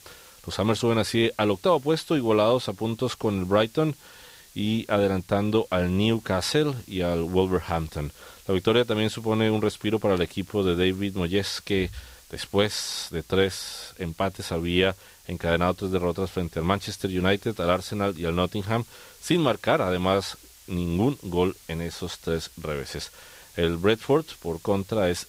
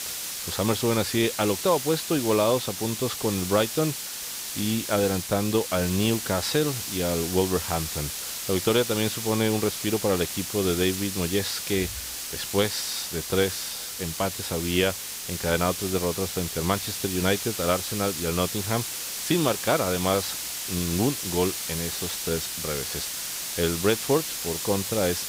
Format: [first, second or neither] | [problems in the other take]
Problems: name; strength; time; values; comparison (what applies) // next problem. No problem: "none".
first | hiss; loud; throughout; 4 dB below the speech; faint in the first